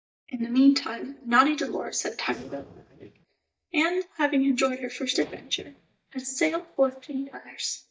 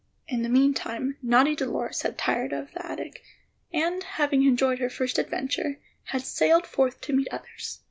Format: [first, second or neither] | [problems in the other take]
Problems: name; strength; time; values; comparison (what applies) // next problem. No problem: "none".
second | noise reduction (neural mask model DeepFilterNet 3)